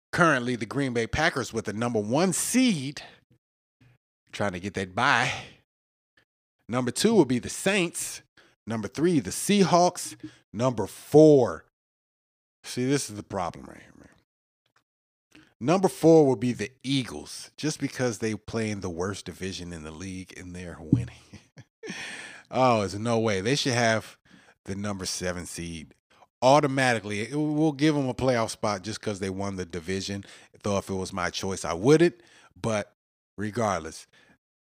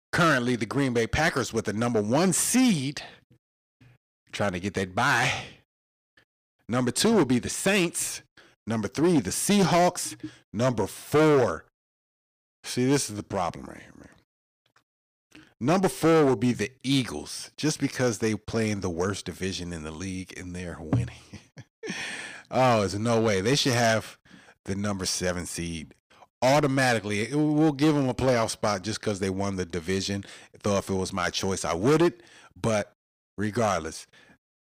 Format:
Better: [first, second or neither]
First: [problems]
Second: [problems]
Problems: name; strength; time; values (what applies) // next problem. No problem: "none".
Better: first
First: none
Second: distortion; heavy; 5% of the sound clipped